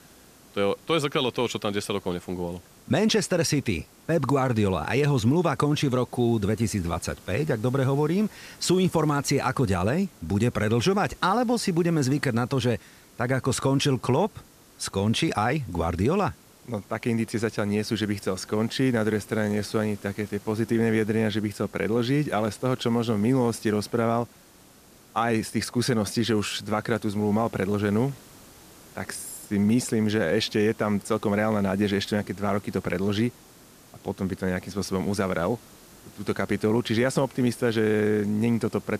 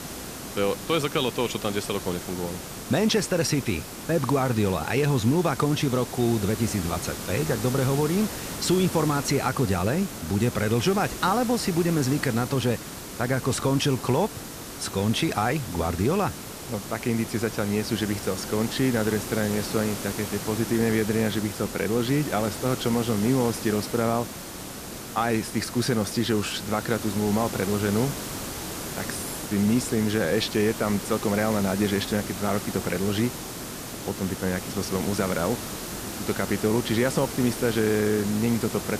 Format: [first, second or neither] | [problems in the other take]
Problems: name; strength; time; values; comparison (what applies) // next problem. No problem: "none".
first | hiss; loud; throughout; 8 dB below the speech; faint in the first